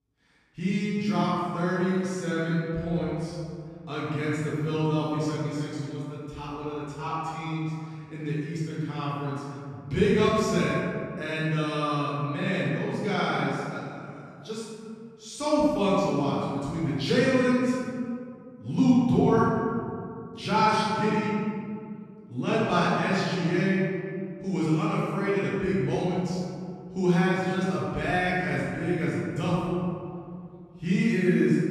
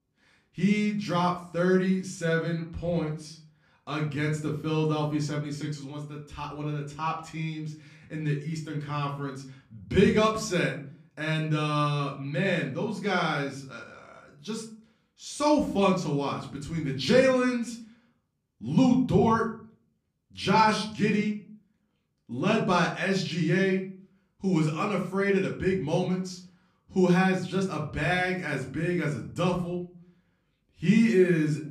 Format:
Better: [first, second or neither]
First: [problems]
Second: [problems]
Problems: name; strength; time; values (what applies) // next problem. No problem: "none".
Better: second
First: room echo; strong; dies away in 2.2 s // off-mic speech; far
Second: room echo; slight; dies away in 0.4 s // off-mic speech; far